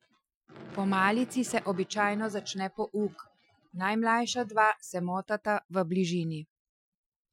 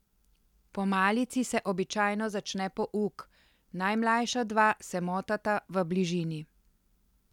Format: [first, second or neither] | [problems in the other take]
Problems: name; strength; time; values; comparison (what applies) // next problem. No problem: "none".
second | noise reduction (classical method Wiener filter)